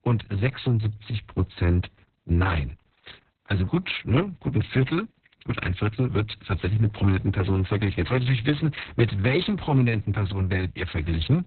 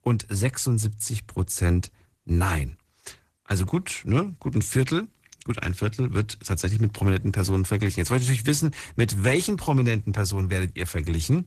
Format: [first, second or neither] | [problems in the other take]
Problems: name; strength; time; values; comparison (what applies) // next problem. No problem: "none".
second | garbled, watery; badly; nothing above 4 kHz; slightly in the second